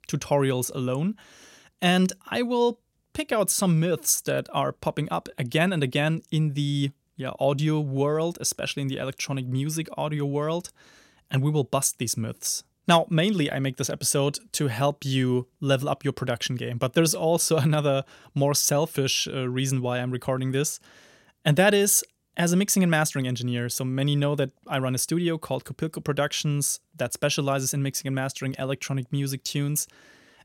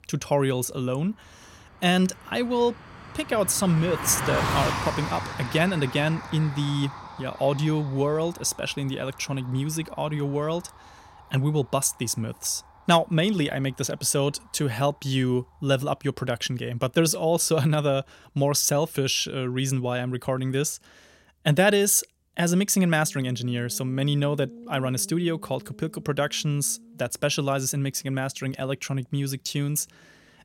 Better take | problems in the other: first | traffic noise; noticeable; throughout; 10 dB below the speech

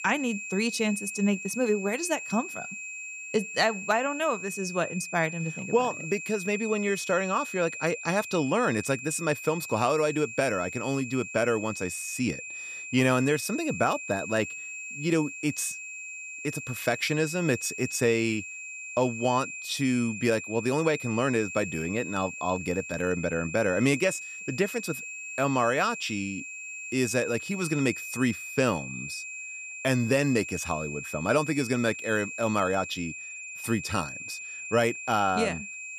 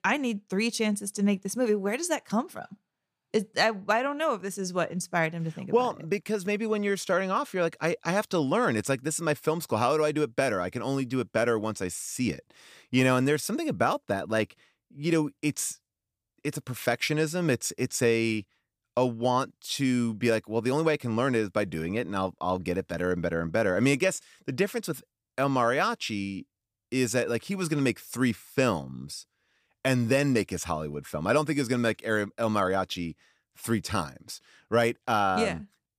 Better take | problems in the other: second | high-pitched whine; loud; throughout; 2.5 kHz, 8 dB below the speech

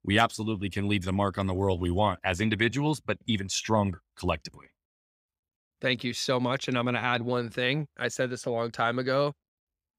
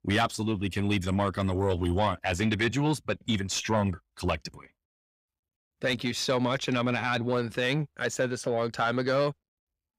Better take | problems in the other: first | distortion; slight; 10 dB below the speech

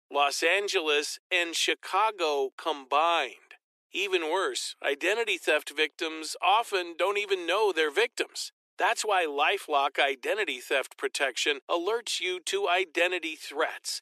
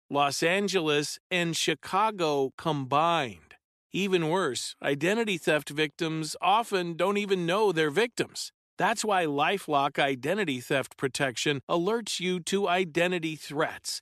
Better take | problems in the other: second | thin; very; fading below 350 Hz

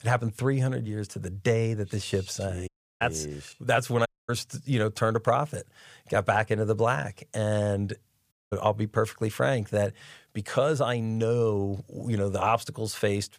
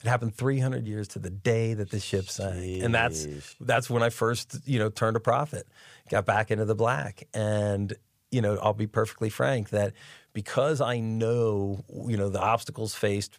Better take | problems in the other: second | audio cutting out; at 2.5 s, at 4 s and at 8.5 s

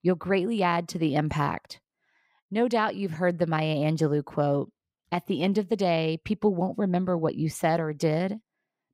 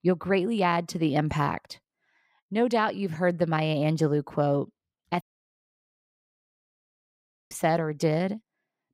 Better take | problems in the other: first | audio cutting out; at 5 s for 2.5 s

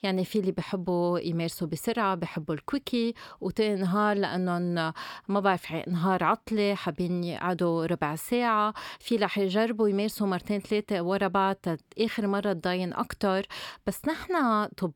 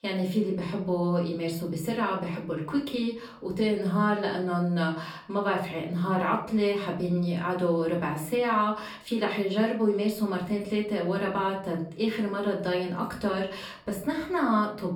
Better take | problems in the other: first | off-mic speech; far // room echo; slight; dies away in 0.4 s

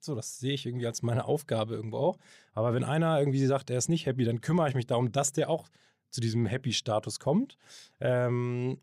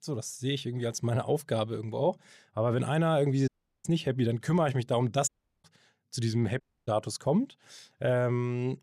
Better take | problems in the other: first | audio cutting out; at 3.5 s, at 5.5 s and at 6.5 s

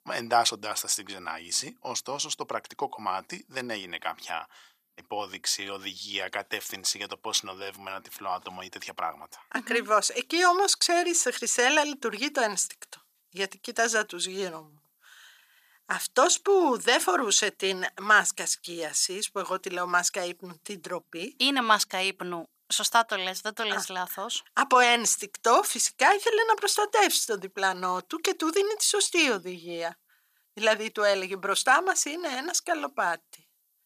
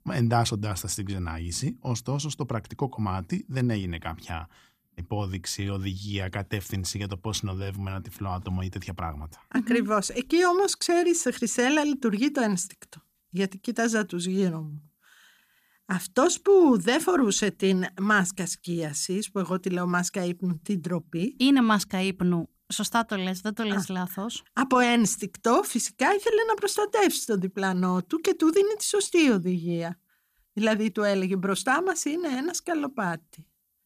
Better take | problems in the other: second | thin; very; fading below 650 Hz

